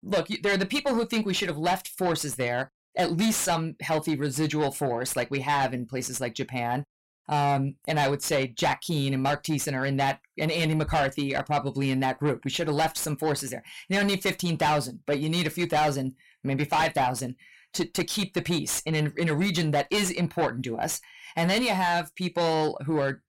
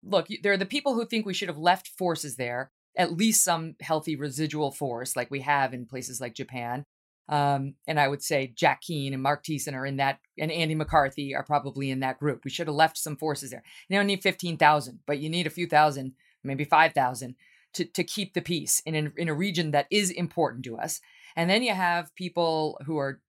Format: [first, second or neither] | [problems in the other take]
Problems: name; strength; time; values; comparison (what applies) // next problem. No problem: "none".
second | distortion; heavy; 6 dB below the speech